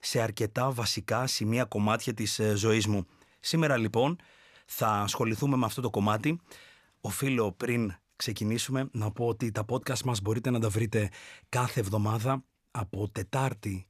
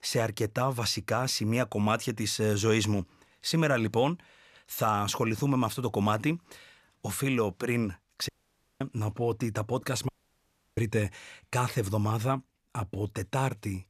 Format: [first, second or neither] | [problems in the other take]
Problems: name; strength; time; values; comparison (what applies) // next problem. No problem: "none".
first | audio cutting out; at 8.5 s for 0.5 s and at 10 s for 0.5 s